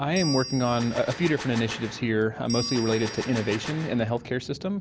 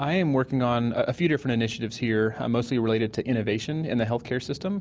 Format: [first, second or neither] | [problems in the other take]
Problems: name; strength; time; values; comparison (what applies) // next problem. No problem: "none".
second | background sound (Gunshot, gunfire + Bell); 11 dB below the speech